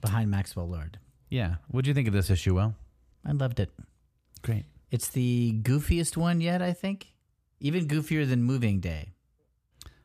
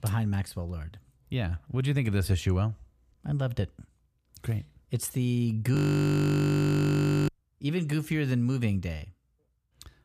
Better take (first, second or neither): first